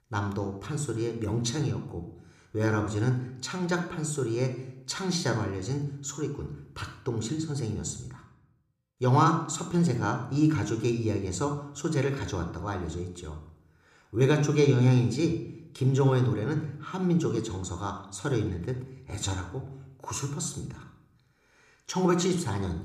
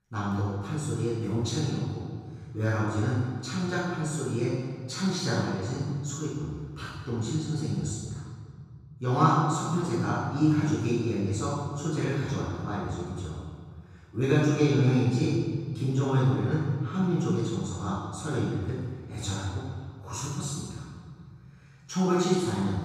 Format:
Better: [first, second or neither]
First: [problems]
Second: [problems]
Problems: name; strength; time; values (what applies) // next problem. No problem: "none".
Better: first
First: room echo; slight; dies away in 0.6 s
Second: room echo; strong; dies away in 1.8 s // off-mic speech; far